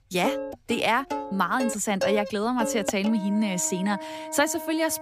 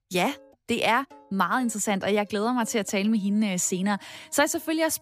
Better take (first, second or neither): second